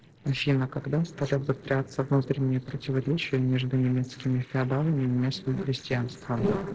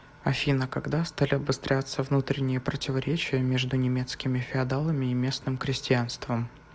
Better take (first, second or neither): second